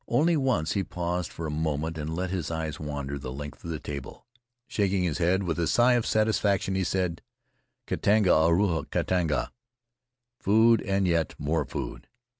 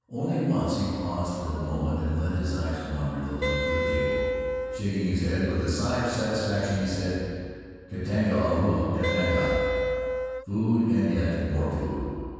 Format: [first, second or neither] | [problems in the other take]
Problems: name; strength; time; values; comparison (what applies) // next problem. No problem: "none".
first | background sound (Wind instrument, woodwind instrument); 1 dB below the speech // room echo; dies away in 2.1 s